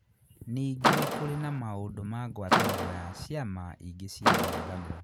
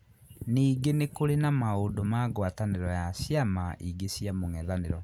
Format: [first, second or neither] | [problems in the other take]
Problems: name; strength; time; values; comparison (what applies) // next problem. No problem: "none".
second | background sound (Car); 5 dB above the speech